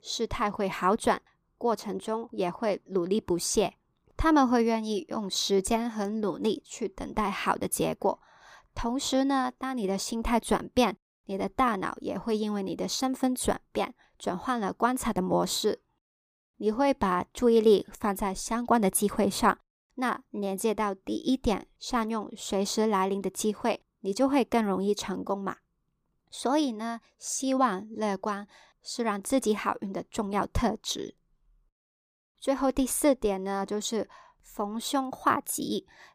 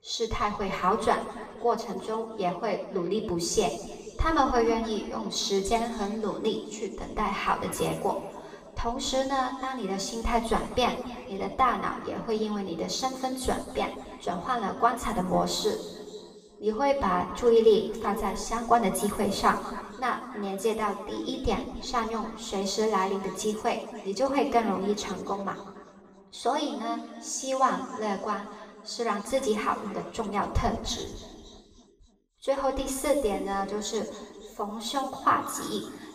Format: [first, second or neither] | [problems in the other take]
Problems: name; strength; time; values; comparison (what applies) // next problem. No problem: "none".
first | room echo; noticeable; dies away in 2 s // off-mic speech; far